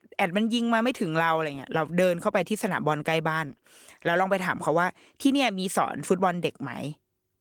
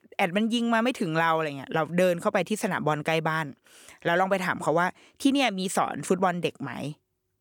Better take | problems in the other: second | garbled, watery; slightly; nothing above 18.5 kHz

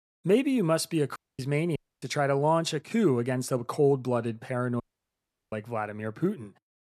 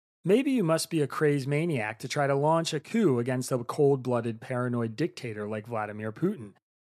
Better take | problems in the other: second | audio cutting out; at 1 s, at 2 s and at 5 s for 0.5 s

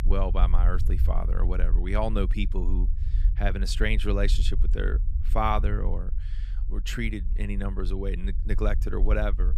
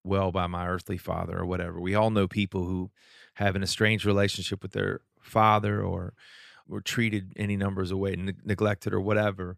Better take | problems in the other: second | low rumble; noticeable; throughout; 15 dB below the speech

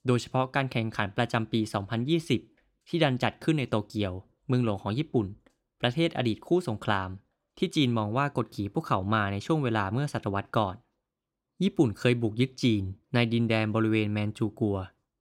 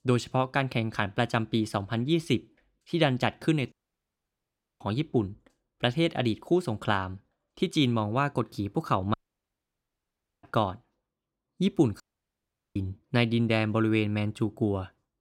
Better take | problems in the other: first | audio cutting out; at 3.5 s for 1 s, at 9 s for 1.5 s and at 12 s for 1 s

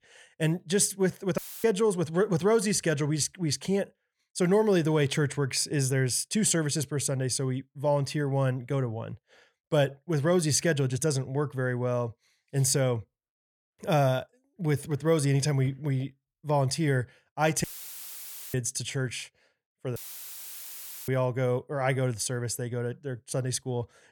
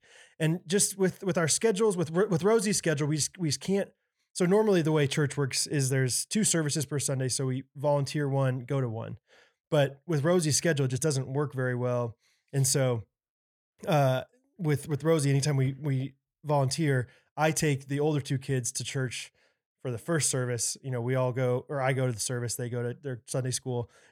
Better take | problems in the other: second | audio cutting out; filled with static; at 1.5 s, at 18 s for 1 s and at 20 s for 1 s

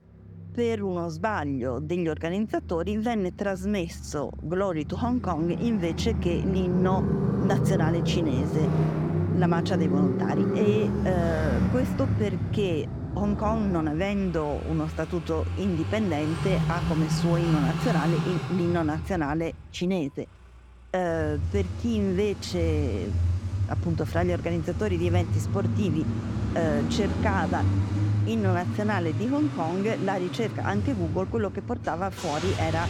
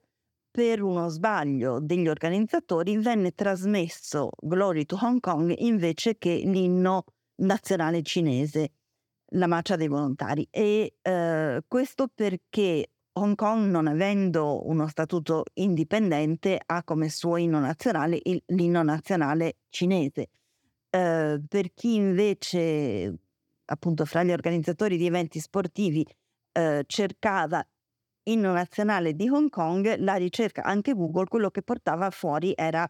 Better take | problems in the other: second | traffic noise; loud; throughout; as loud as the speech

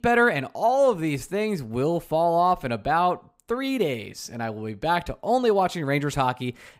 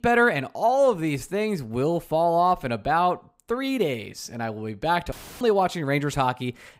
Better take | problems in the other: first | audio cutting out; filled with static; at 5 s

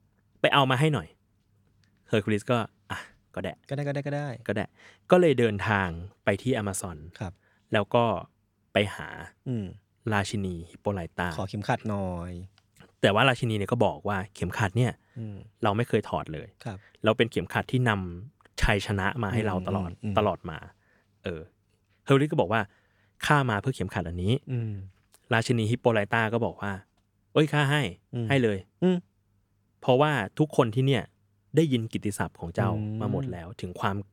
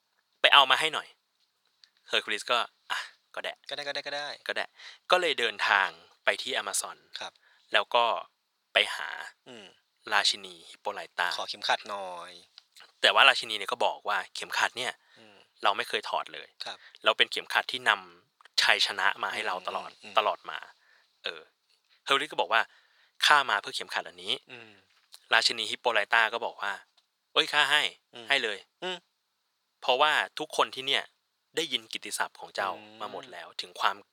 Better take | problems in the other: first | thin; very; fading below 950 Hz

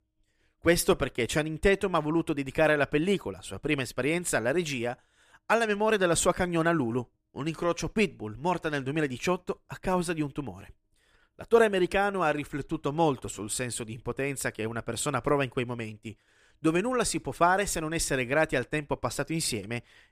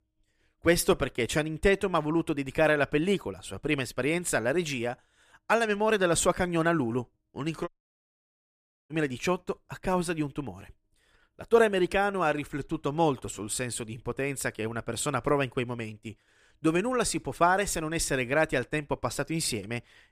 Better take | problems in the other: first | audio cutting out; at 7.5 s for 1 s

